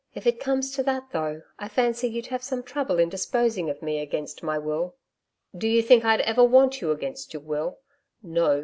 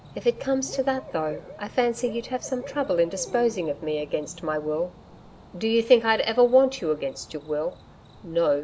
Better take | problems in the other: first | background sound (Cricket / Bird); 18 dB below the speech

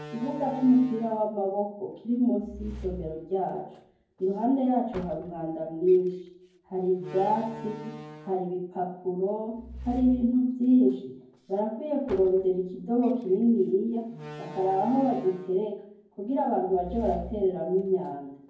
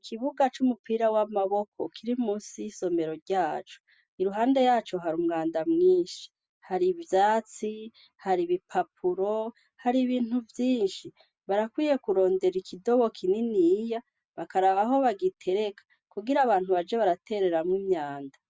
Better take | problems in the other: second | background sound (Slam); 18 dB below the speech // room echo; dies away in 0.9 s

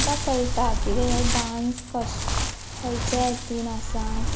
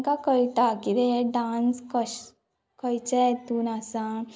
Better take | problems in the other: second | background sound (Wind); 2 dB above the speech

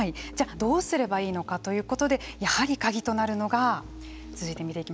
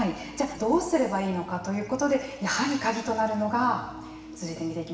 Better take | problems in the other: first | room echo; dies away in 1.3 s

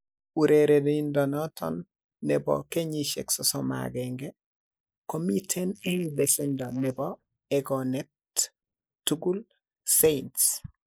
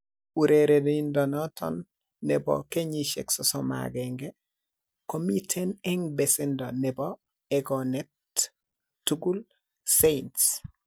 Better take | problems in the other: second | noise reduction (neural mask model Resemble Enhance denoiser)

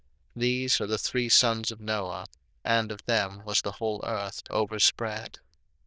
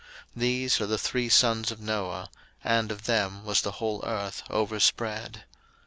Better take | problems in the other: second | noise reduction (neural diffusion model UNIVERSE++)

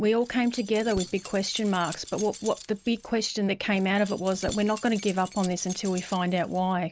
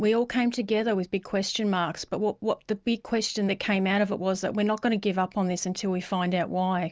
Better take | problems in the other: second | background sound (Keys jangling); 16 dB below the speech

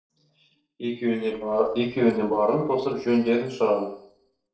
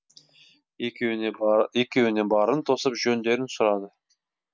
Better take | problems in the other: second | noise reduction (neural separator model SepFormer DNS4)

